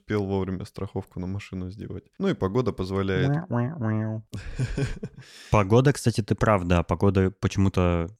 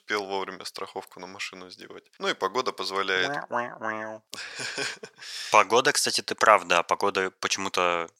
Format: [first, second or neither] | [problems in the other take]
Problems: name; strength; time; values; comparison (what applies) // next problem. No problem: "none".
first | thin; very; fading below 800 Hz